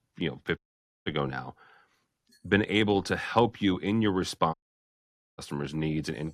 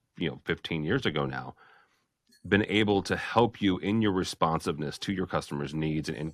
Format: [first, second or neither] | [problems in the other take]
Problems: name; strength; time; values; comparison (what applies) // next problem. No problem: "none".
second | audio cutting out; at 0.5 s and at 4.5 s for 1 s